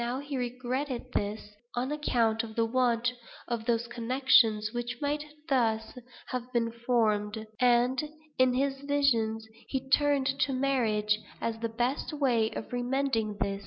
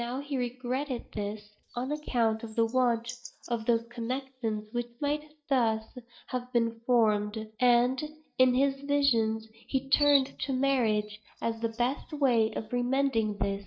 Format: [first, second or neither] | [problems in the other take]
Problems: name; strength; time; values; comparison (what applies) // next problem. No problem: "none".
first | noise reduction (neural mask model DeepFilterNet 3)